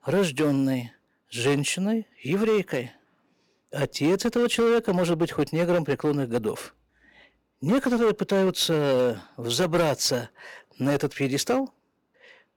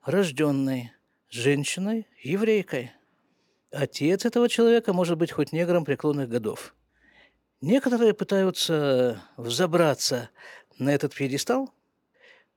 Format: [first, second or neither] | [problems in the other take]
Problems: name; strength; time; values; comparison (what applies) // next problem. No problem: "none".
second | distortion; slight; 8% of the sound clipped